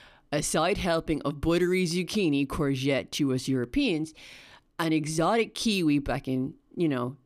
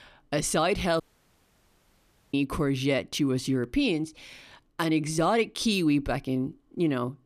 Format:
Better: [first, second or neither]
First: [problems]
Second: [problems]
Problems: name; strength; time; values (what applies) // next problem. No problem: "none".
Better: first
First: none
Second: audio cutting out; at 1 s for 1.5 s